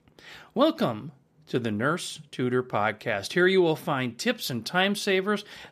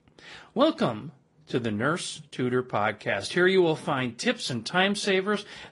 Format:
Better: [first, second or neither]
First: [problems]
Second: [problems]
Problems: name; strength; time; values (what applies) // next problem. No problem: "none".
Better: first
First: none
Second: garbled, watery; slightly; nothing above 10.5 kHz